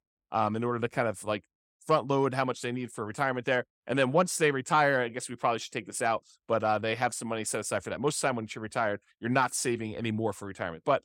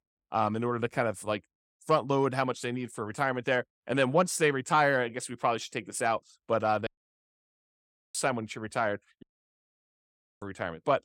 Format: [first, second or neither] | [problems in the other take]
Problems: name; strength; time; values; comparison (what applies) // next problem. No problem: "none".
first | audio cutting out; at 7 s for 1.5 s and at 9 s for 1 s